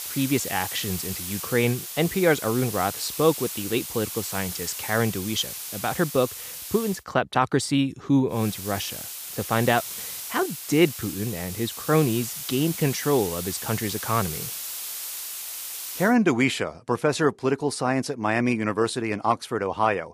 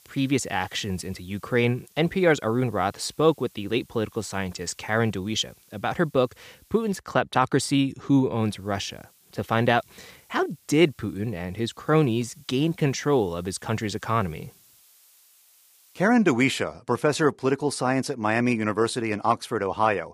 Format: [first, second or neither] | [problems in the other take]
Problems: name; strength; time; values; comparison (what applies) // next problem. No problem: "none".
second | hiss; loud; until 7 s and from 8.5 to 16 s; 7 dB below the speech; faint in the second